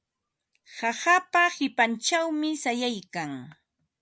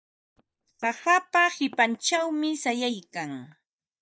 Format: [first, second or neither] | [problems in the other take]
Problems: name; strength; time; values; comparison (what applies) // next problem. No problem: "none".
first | noise reduction (neural mask model DeepFilterNet 3)